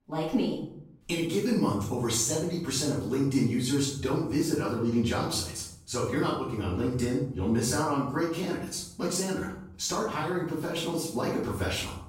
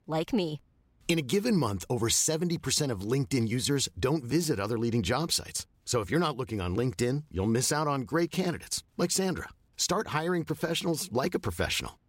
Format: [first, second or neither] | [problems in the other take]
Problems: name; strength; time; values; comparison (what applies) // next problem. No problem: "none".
second | off-mic speech; far // room echo; noticeable; dies away in 0.6 s